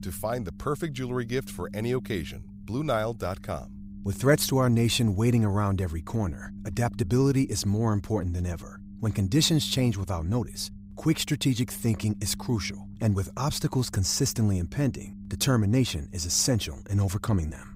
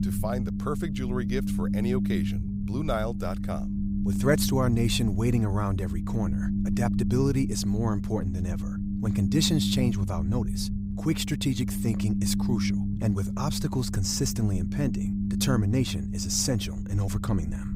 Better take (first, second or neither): first